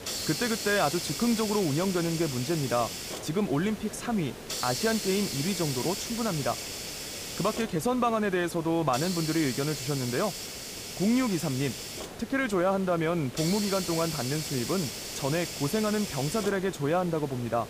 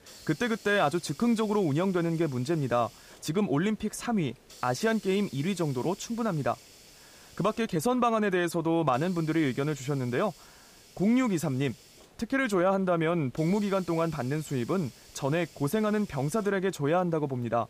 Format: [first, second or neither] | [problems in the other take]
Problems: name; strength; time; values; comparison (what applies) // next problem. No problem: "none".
second | hiss; loud; throughout; 6 dB below the speech; faint in the second